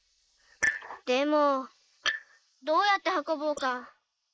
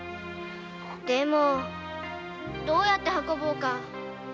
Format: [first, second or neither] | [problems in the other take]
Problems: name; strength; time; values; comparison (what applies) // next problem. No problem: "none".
second | noise reduction (neural mask model Resemble Enhance denoiser)